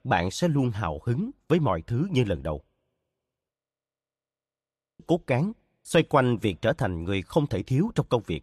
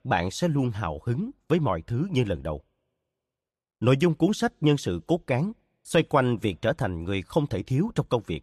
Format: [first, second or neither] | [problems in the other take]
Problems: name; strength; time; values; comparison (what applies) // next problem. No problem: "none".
second | audio freezing; at 3.5 s for 1.5 s